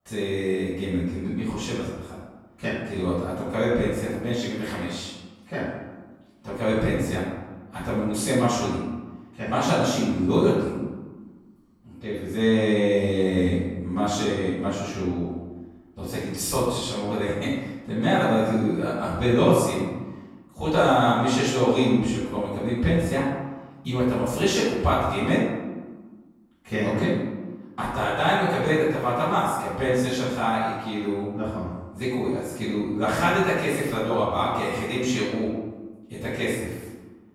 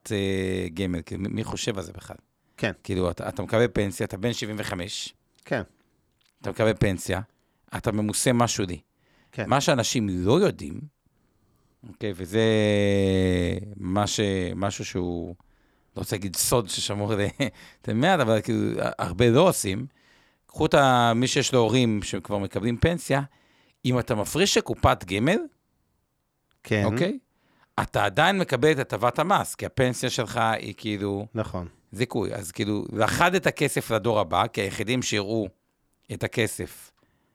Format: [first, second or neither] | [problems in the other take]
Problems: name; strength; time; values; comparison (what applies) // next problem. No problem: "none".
second | off-mic speech; far // room echo; strong; dies away in 1.1 s